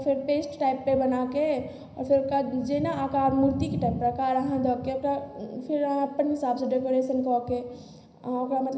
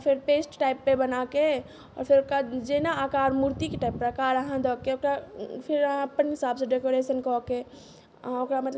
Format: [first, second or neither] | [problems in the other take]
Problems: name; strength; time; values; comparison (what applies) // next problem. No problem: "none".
second | room echo; dies away in 0.9 s